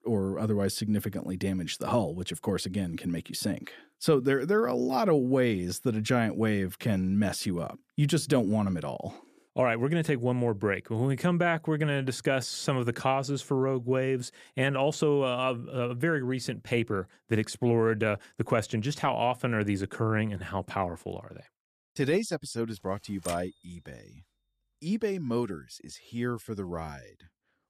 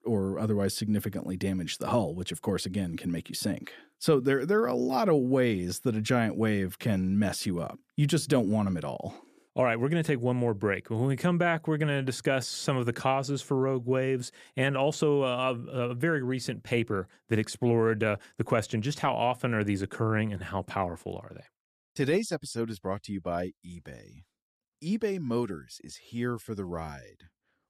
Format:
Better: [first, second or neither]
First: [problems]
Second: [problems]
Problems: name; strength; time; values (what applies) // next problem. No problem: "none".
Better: second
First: keyboard typing; faint; at 23 s; peak 10 dB below the speech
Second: none